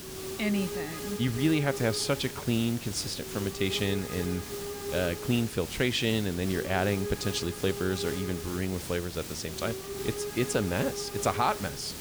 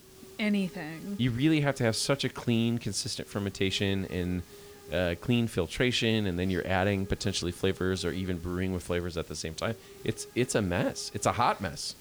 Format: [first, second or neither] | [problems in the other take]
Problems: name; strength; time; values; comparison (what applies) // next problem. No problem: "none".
second | hiss; loud; throughout; 7 dB below the speech; faint in the second